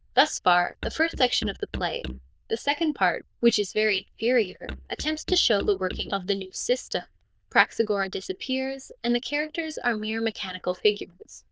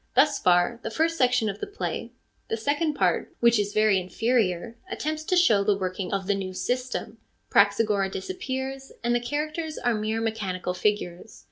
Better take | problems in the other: second | noise reduction (neural diffusion model UNIVERSE++)

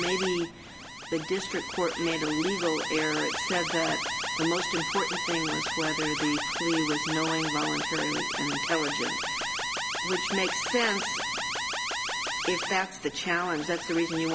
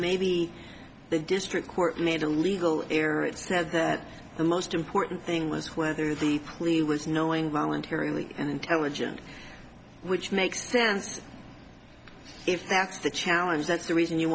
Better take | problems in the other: second | background sound (Alarm); 2 dB below the speech

